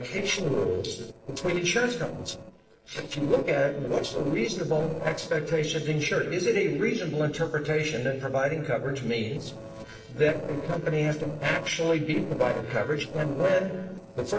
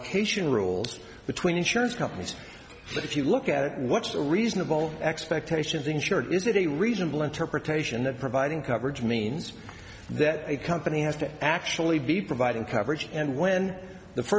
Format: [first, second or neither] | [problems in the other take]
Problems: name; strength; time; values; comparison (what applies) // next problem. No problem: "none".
second | noise reduction (neural separator model SepFormer DNS4)